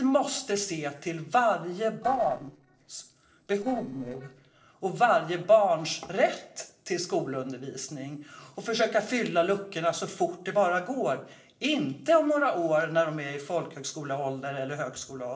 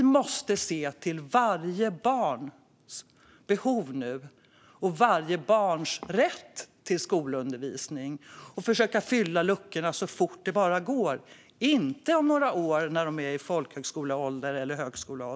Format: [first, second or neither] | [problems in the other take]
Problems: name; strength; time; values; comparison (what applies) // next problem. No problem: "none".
second | noise reduction (neural separator model SepFormer DNS4)